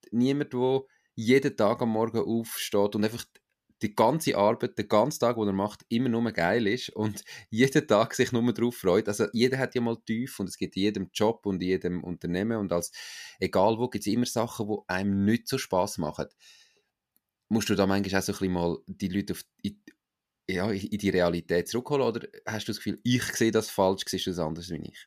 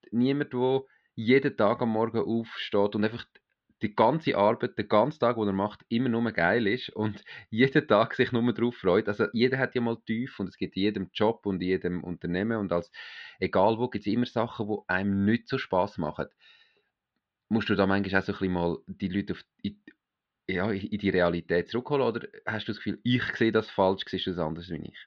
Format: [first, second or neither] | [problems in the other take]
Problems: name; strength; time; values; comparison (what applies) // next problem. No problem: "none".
first | muffled; slightly; fading above 4 kHz